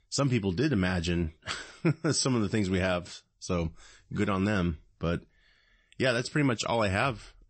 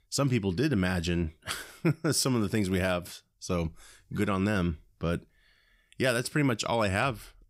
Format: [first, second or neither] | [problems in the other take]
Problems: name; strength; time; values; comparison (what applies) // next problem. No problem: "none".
second | garbled, watery; slightly; nothing above 8 kHz